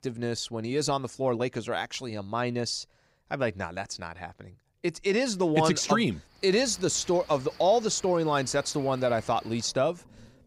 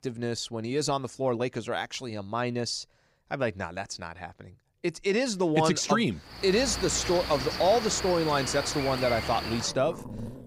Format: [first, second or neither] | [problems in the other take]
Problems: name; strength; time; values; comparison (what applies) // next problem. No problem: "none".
first | animal sounds; loud; from 6.5 s on; 6 dB below the speech; faint in the first